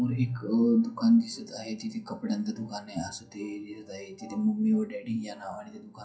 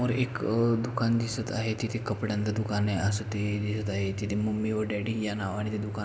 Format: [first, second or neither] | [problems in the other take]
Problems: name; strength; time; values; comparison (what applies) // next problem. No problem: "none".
second | noise reduction (classical method WPE with log-MMSE)